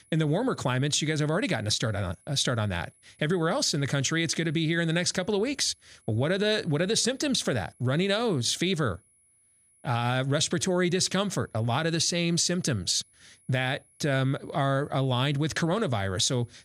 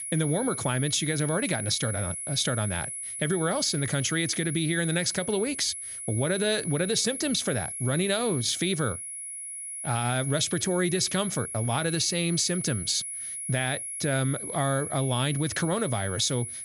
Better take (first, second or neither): first